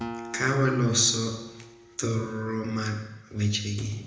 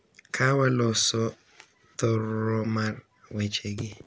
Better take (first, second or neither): second